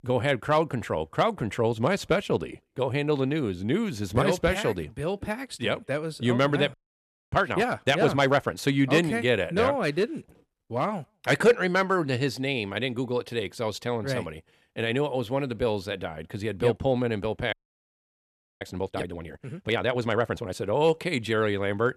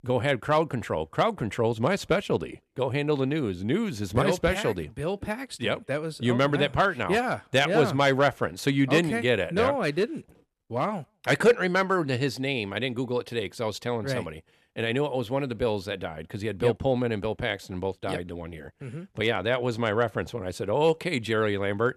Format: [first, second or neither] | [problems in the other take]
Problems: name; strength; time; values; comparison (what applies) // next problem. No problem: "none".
second | audio freezing; at 6.5 s for 0.5 s and at 18 s for 1 s